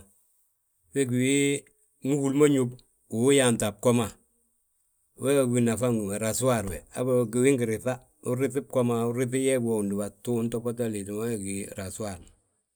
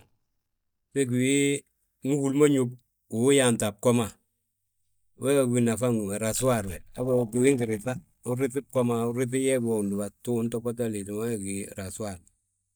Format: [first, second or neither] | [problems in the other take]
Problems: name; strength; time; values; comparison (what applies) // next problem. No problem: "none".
first | noise reduction (neural mask model DeepFilterNet 3)